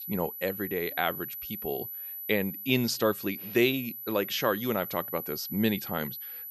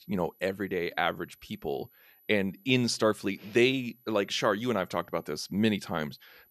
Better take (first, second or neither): second